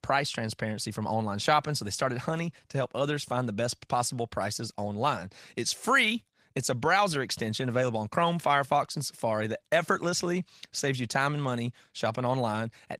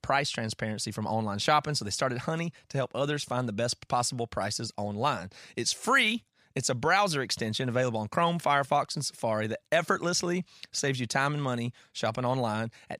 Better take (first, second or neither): second